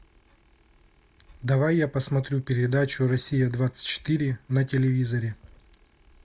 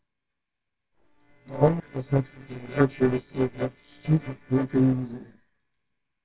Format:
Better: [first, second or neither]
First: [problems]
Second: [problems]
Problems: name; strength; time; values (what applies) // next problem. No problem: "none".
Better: first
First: none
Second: noise reduction (neural separator model SepFormer WHAMR!)